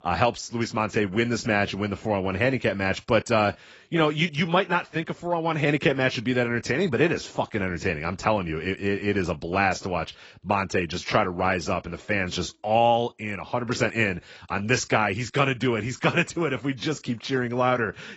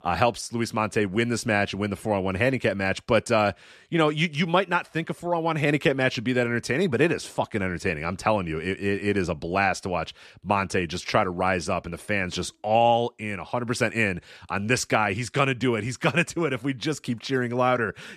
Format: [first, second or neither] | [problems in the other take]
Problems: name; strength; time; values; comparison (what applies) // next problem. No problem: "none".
second | garbled, watery; badly; nothing above 7.5 kHz